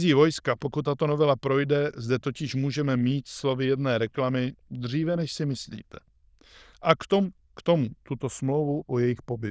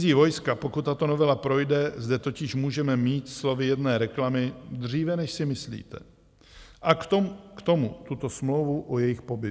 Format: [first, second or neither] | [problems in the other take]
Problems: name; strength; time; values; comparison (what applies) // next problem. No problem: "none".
second | noise reduction (neural diffusion model UNIVERSE++)